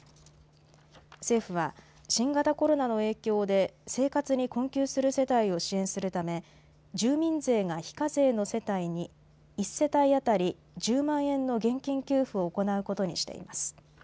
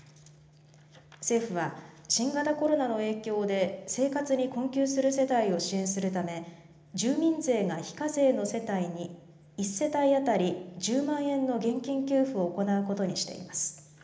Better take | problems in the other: first | room echo; dies away in 0.8 s

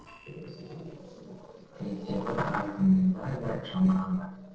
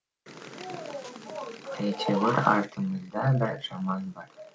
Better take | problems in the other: second | noise reduction (neural separator model SepFormer DNS4)

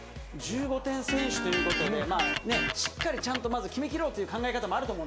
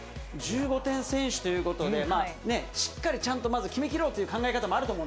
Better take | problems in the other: second | background sound (Electric guitar); 1 dB below the speech

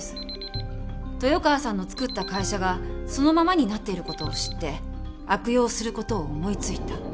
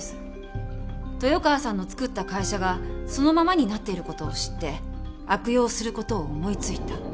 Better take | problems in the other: second | background sound (Alarm); 15 dB below the speech

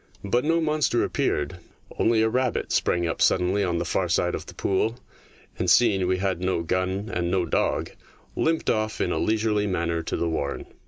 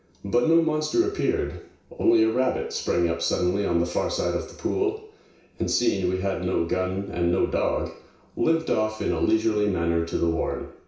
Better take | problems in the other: first | room echo; dies away in 0.6 s

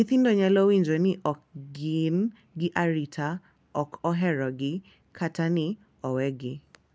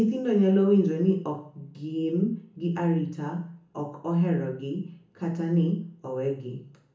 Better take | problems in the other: first | room echo; dies away in 0.7 s

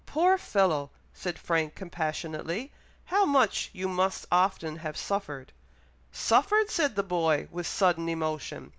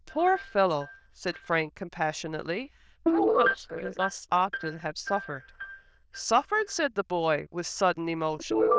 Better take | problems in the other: first | noise reduction (neural diffusion model UNIVERSE++)

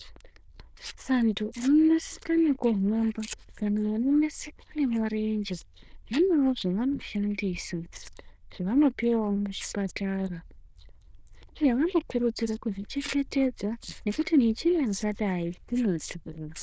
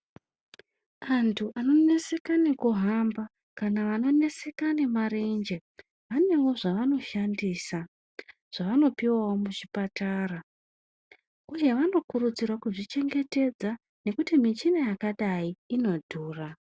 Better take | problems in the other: second | noise reduction (neural diffusion model UNIVERSE++)

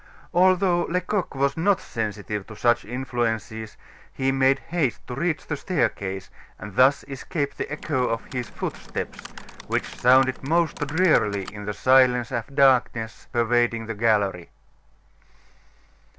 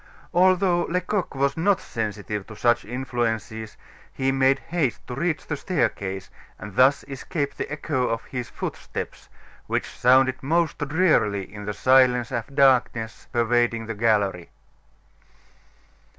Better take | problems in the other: second | background sound (Typing); 17 dB below the speech

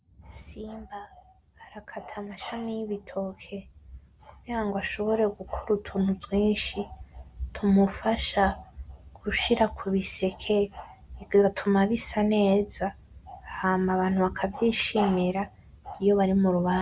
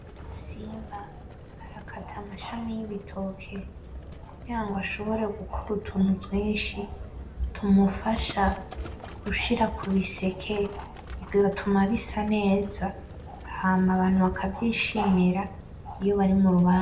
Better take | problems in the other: first | background sound (Livestock, farm animals, working animals); 16 dB below the speech // room echo; dies away in 0.5 s

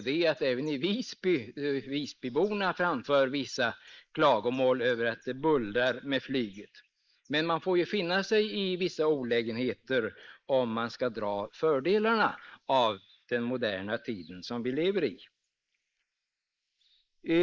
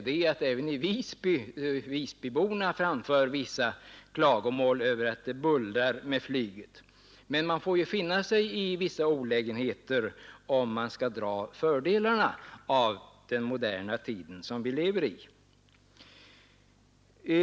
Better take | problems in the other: second | noise reduction (neural mask model Resemble Enhance denoiser)

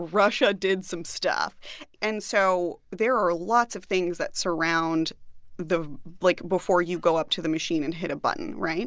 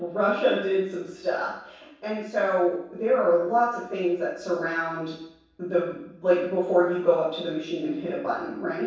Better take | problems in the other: first | room echo; dies away in 0.7 s

